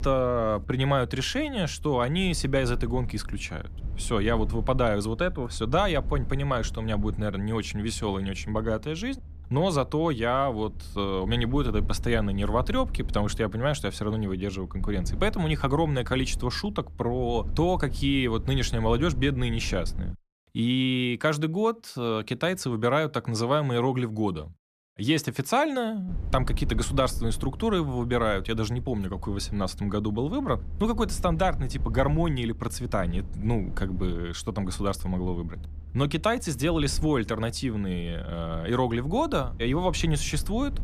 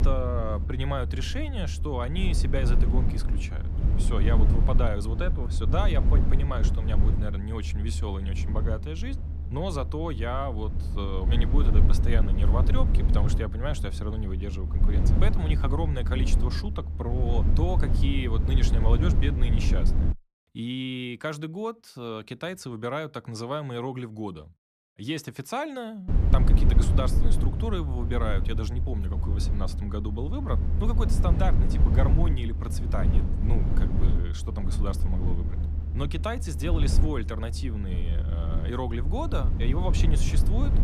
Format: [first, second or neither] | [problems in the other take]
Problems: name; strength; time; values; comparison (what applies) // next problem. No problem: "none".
first | low rumble; loud; until 20 s and from 26 s on; 6 dB below the speech; faint in the first